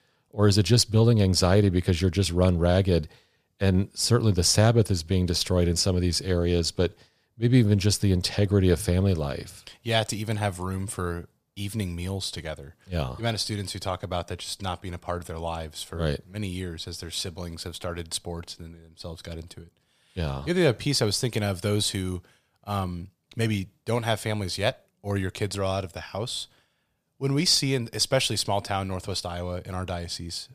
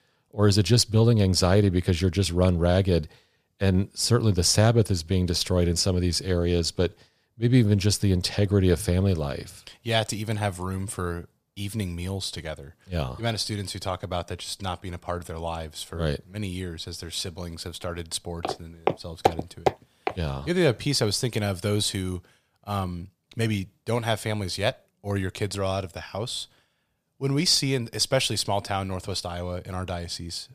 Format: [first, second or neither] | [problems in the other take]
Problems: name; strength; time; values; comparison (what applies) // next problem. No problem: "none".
first | footsteps; noticeable; from 18 to 20 s; peak 1 dB below the speech